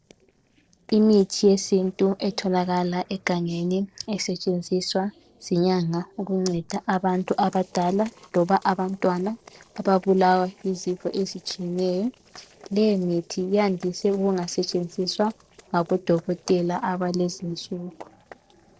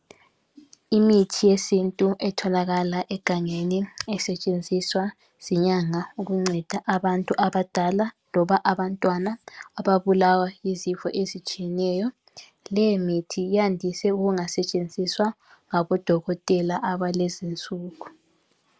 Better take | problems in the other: second | noise reduction (neural separator model SepFormer DNS4)

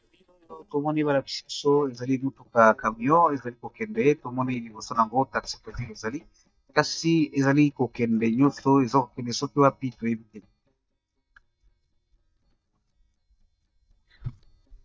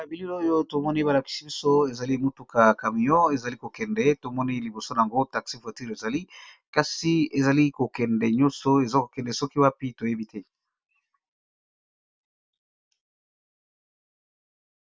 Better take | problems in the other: second | noise reduction (neural mask model DeepFilterNet 3)

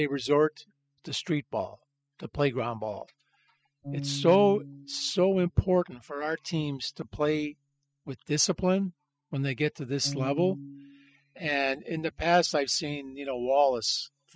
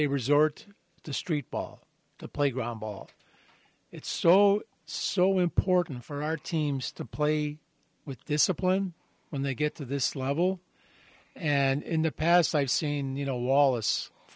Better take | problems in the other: second | noise reduction (classical method spectral subtraction)

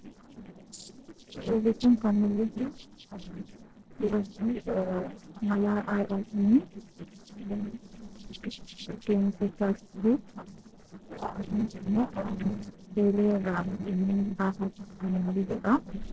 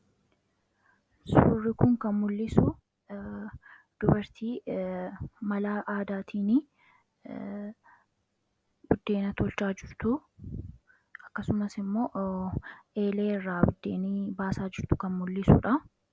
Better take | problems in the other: second | noise reduction (neural separator model SepFormer DNS4)

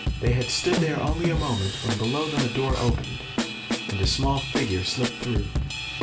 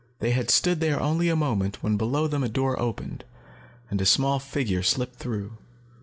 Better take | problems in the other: second | background sound (Drum / Drum kit); as loud as the speech // room echo; dies away in 0.3 s

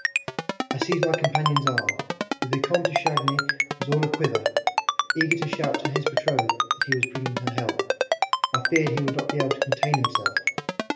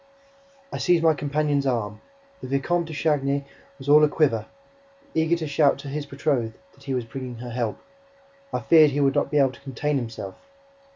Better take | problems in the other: second | background sound (Ringtone); 3 dB above the speech // room echo; dies away in 1.4 s

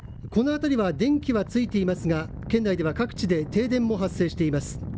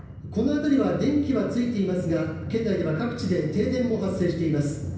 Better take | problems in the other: first | room echo; dies away in 0.9 s

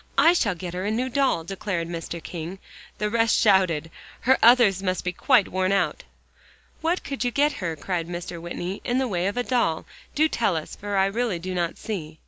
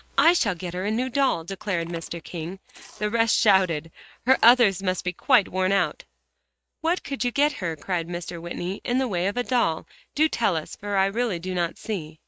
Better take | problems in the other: first | noise reduction (neural mask model RNNoise)

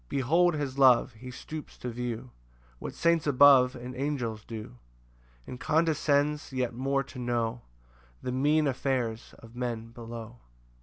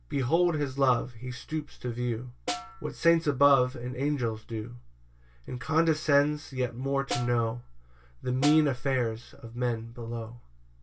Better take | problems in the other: first | background sound (Snare drum); 11 dB below the speech // room echo; dies away in 0.1 s

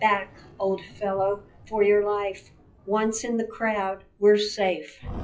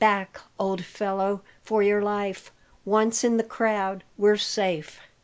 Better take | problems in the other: second | noise reduction (classical method WPE with log-MMSE)

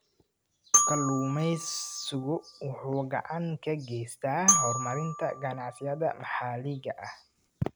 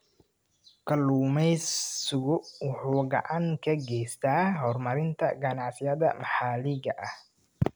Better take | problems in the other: second | background sound (Glockenspiel); as loud as the speech

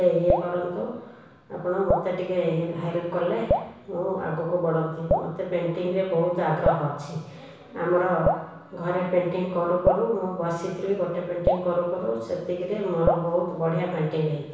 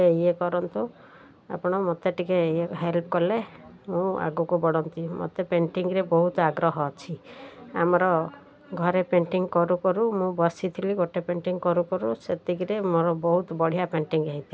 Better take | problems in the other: second | background sound (Drip); 6 dB below the speech // room echo; dies away in 1.1 s

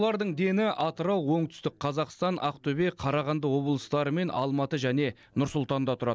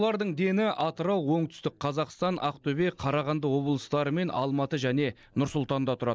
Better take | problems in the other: first | noise reduction (neural mask model Resemble Enhance denoiser)

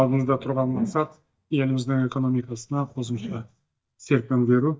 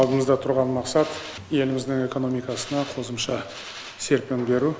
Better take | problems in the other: second | noise reduction (neural mask model DeepFilterNet 3)

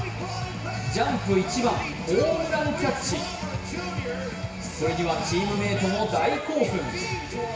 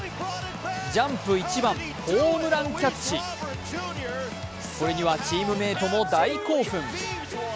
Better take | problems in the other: second | room echo; dies away in 1 s

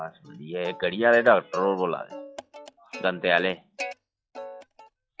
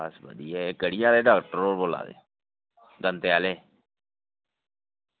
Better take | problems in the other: second | noise reduction (classical method log-MMSE)

